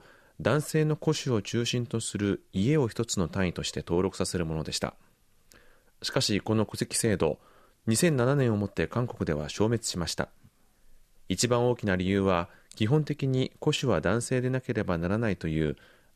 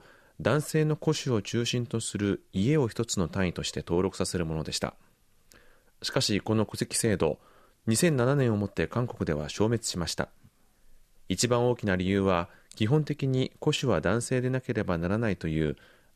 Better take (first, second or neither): neither